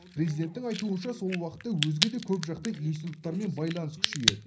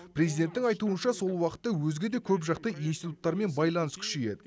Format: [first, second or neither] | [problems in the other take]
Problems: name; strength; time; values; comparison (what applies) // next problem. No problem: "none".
second | background sound (Crack); 3 dB below the speech // room echo; dies away in 0.5 s